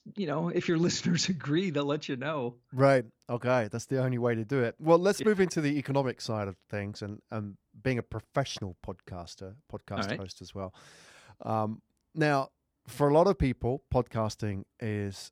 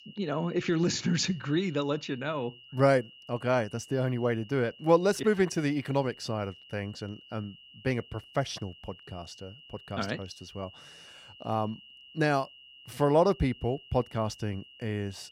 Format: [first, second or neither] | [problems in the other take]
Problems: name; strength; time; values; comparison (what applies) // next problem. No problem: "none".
first | high-pitched whine; faint; throughout; 3 kHz, 20 dB below the speech